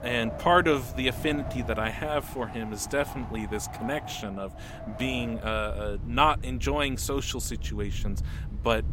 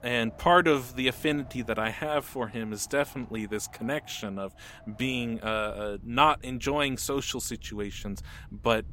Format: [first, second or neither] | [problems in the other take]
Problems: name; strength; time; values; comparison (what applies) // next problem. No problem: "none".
second | wind in the background; loud; throughout; 9 dB below the speech; faint in the second